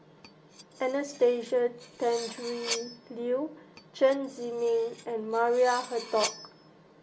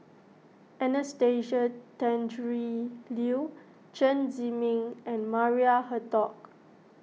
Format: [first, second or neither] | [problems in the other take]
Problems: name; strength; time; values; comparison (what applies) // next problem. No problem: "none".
second | background sound (Cutlery, silverware); 13 dB below the speech // room echo; dies away in 0.2 s